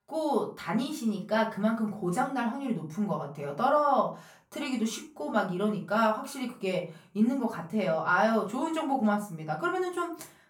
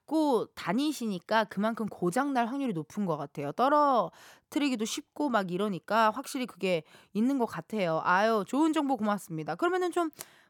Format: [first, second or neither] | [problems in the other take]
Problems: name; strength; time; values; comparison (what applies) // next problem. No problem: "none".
second | off-mic speech; far // room echo; slight; dies away in 0.3 s